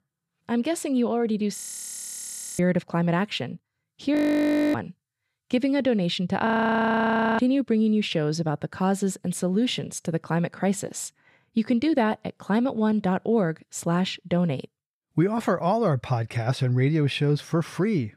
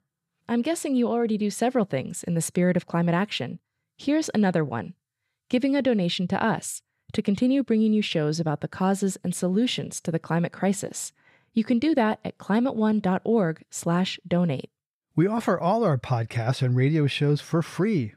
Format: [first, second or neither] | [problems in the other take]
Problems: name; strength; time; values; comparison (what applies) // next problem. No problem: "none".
second | audio freezing; at 1.5 s for 1 s, at 4 s for 0.5 s and at 6.5 s for 1 s